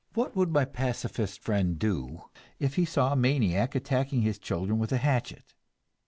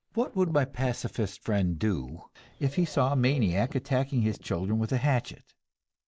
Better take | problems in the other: first | noise reduction (neural mask model DeepFilterNet 3)

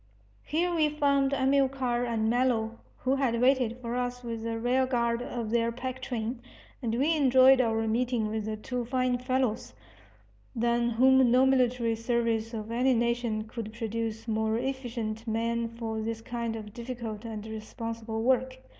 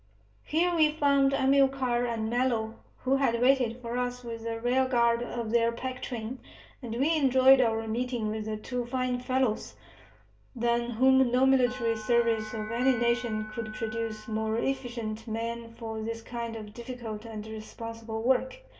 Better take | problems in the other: first | background sound (Bell); 14 dB below the speech // room echo; dies away in 0.2 s

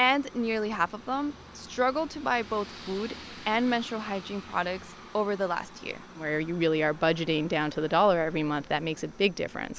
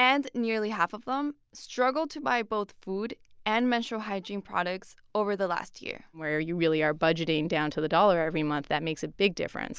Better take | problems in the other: second | background sound (Aircraft); 18 dB below the speech

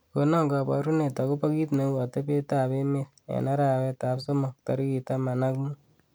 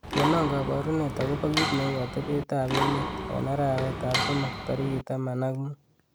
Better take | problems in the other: first | background sound (Mechanisms); 2 dB below the speech

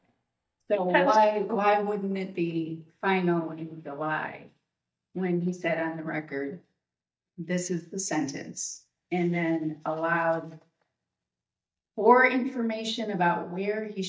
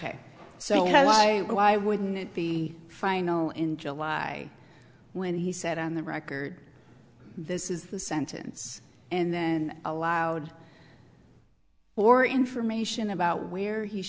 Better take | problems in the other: second | noise reduction (neural mask model DeepFilterNet 3)

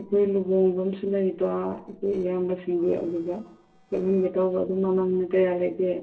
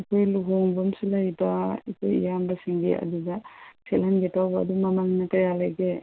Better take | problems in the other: second | noise reduction (neural separator model SepFormer DNS4)

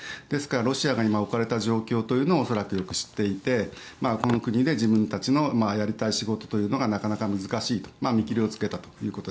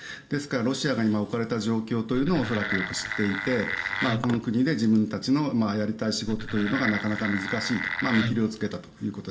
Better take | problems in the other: first | background sound (Wood); 5 dB below the speech // room echo; dies away in 1 s

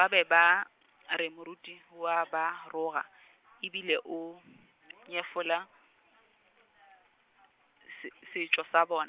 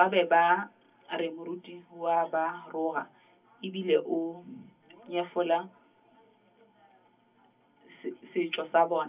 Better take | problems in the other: first | room echo; dies away in 0.3 s

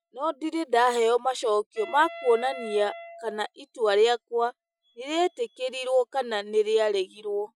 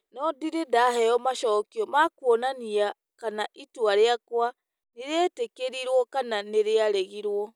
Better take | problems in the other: second | noise reduction (classical method Wiener filter)

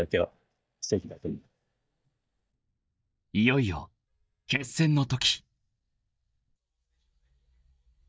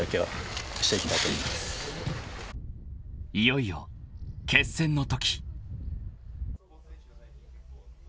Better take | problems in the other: second | noise reduction (neural mask model DeepFilterNet 3)

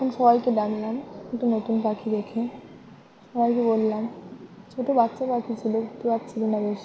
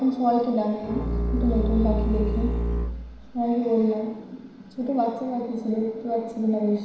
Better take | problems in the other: first | background sound (Bowed string instrument); 1 dB below the speech // room echo; dies away in 0.8 s

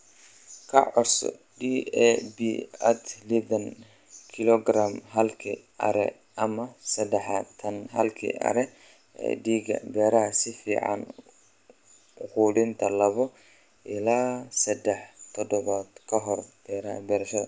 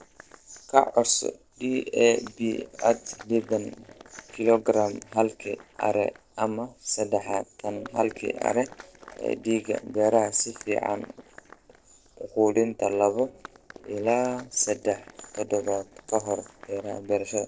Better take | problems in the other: first | noise reduction (neural separator model SepFormer DNS4)

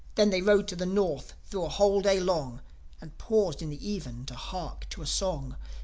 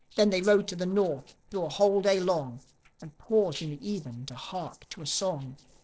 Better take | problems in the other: first | noise reduction (neural separator model SepFormer DNS4)

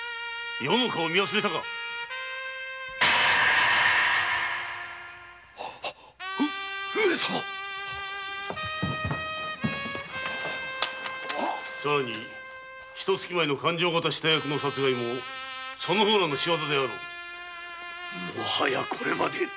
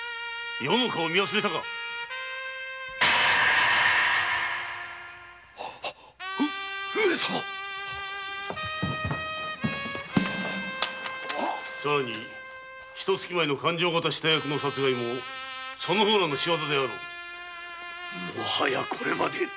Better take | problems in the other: first | background sound (Snare drum); 7 dB below the speech

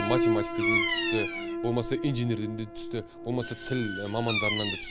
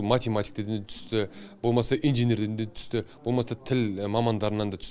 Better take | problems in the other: second | background sound (Bird vocalization, bird call, bird song + Piano); 1 dB above the speech

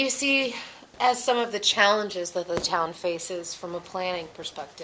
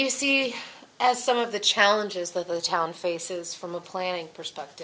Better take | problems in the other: second | background sound (Fire / Fireworks); 19 dB below the speech

